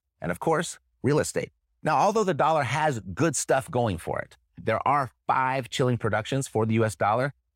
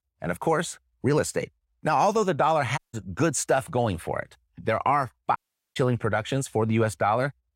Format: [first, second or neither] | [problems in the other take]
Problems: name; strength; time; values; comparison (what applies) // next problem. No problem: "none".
first | audio cutting out; at 3 s and at 5.5 s